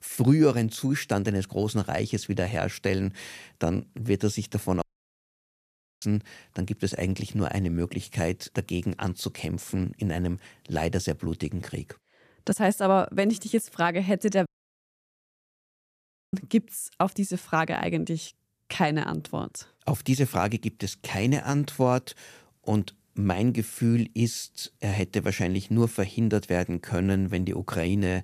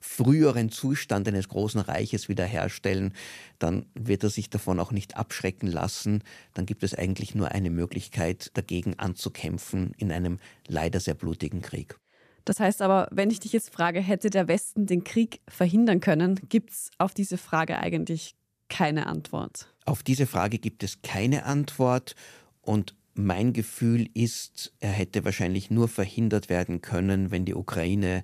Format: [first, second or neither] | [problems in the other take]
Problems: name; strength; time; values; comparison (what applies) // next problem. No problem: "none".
second | audio cutting out; at 5 s for 1 s and at 14 s for 2 s